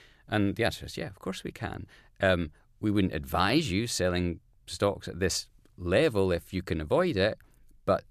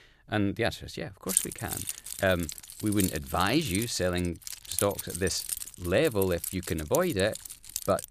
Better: first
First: none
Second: jangling keys; loud; from 1.5 s on; peak 2 dB above the speech

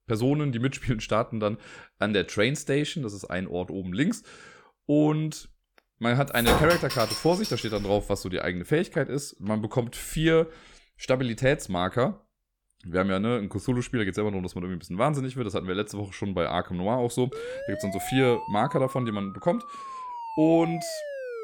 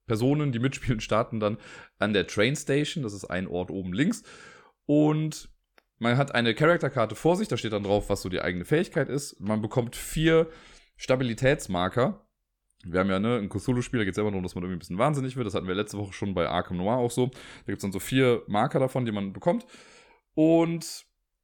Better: second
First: clattering dishes; loud; from 6.5 to 8 s; peak 3 dB above the speech // siren; noticeable; from 17 s on; peak 8 dB below the speech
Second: none

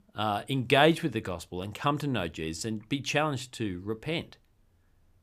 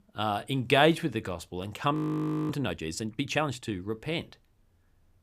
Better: first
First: none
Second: audio freezing; at 2 s for 0.5 s

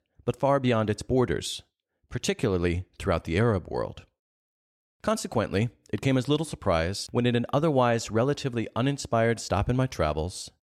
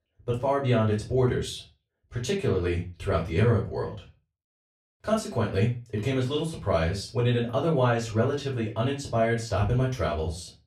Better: first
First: none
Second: off-mic speech; far // room echo; slight; dies away in 0.3 s

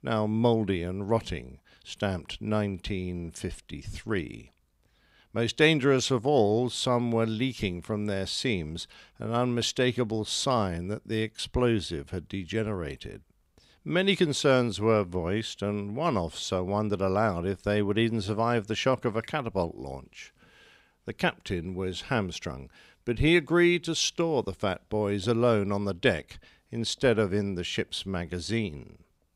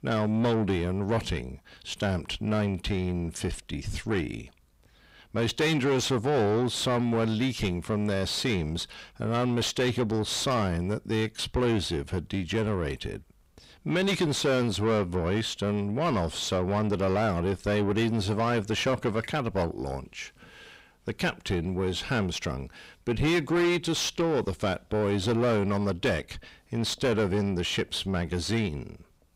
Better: first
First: none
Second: distortion; heavy; 7 dB below the speech

